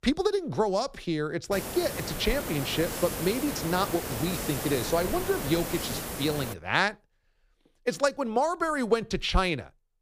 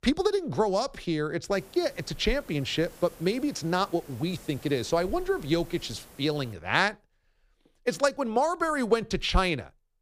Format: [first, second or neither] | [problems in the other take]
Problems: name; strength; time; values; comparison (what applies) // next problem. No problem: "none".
second | hiss; loud; from 1.5 to 6.5 s; 5 dB below the speech; faint in the second